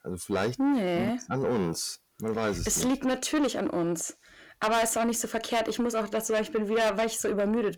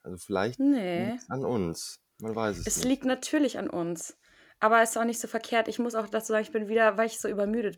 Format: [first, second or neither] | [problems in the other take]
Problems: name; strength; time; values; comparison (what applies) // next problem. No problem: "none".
second | distortion; heavy; 7 dB below the speech